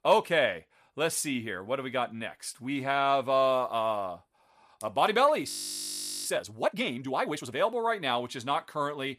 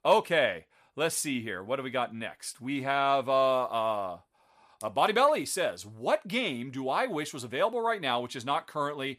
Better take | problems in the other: second | audio freezing; at 5.5 s for 1 s

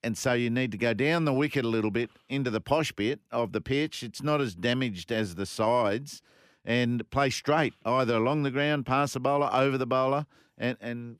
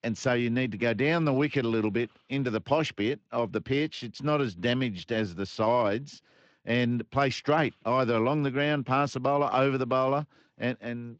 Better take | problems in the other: first | garbled, watery; slightly

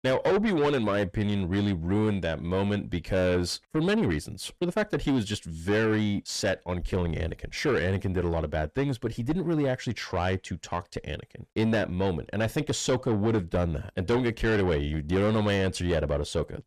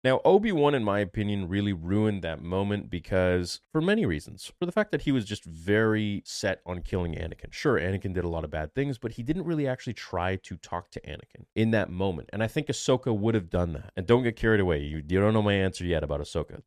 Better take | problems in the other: second | distortion; heavy; 8 dB below the speech

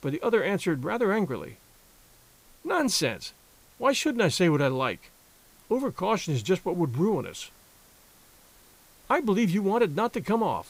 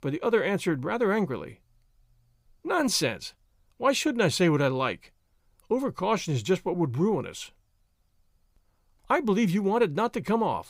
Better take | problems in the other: second | hiss; faint; throughout; 30 dB below the speech

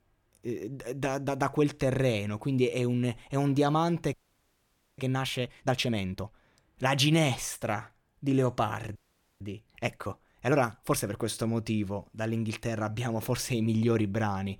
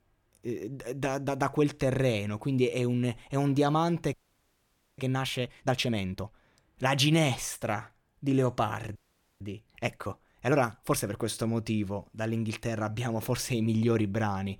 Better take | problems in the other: neither | audio freezing; at 4 s for 1 s and at 9 s; the same in both

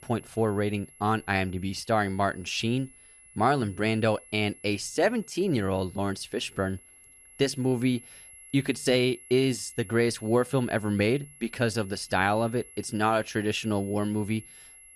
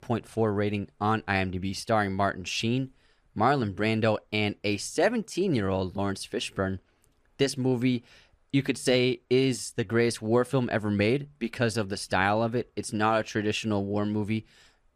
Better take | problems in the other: second | high-pitched whine; faint; throughout; 11 kHz, 20 dB below the speech

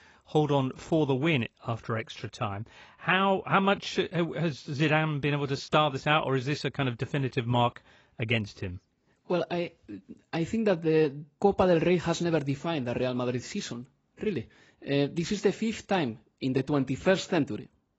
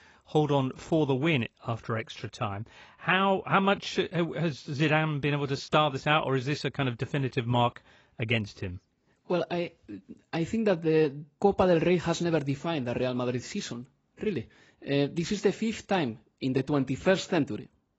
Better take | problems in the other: neither | garbled, watery; badly; nothing above 7.5 kHz; the same in both

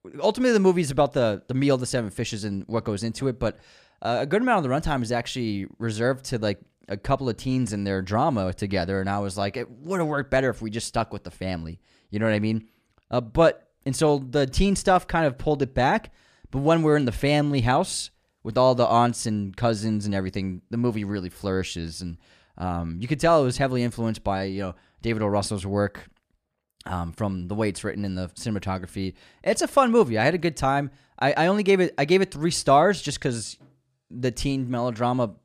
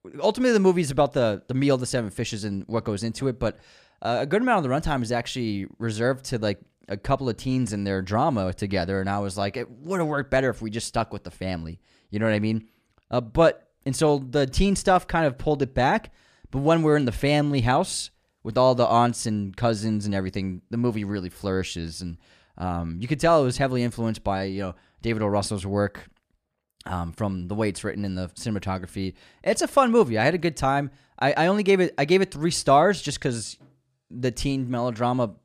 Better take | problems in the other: neither | none

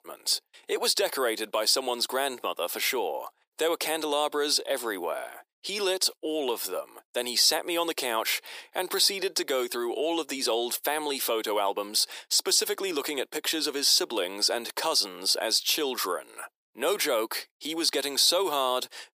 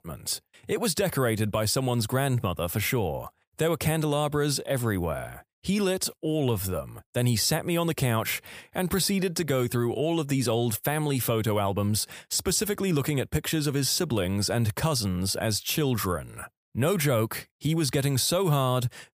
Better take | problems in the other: second | thin; very; fading below 300 Hz

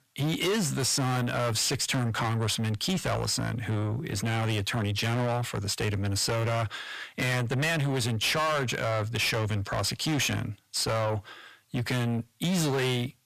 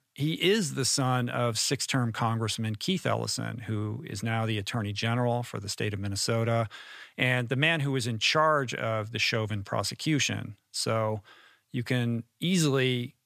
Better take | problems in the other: second | distortion; heavy; 6 dB below the speech

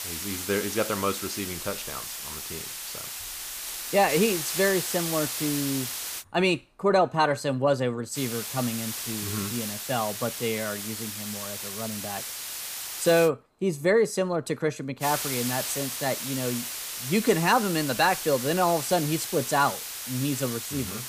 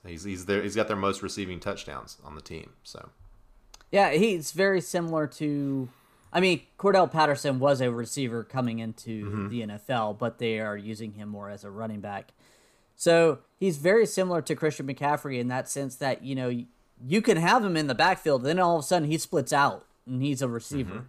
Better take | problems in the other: second | hiss; loud; until 6 s, from 8 to 13 s and from 15 s on; 5 dB below the speech

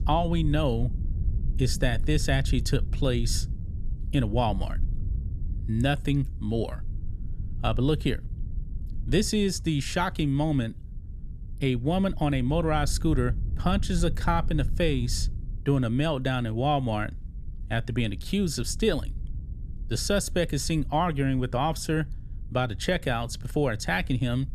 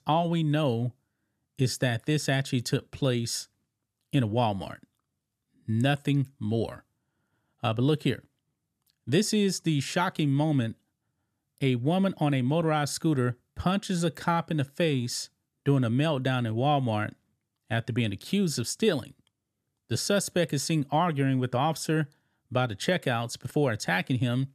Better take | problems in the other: second | low rumble; faint; throughout; 20 dB below the speech

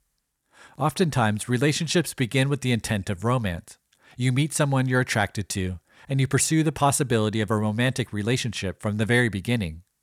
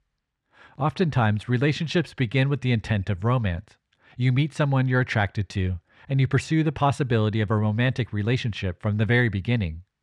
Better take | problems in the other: first | muffled; slightly; fading above 3 kHz

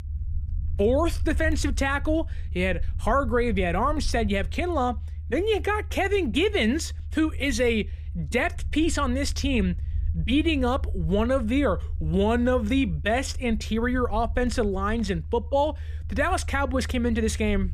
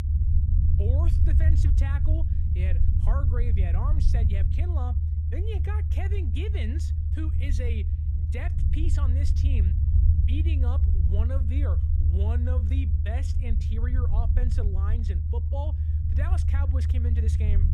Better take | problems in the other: first | low rumble; loud; throughout; 1 dB below the speech; faint in the first

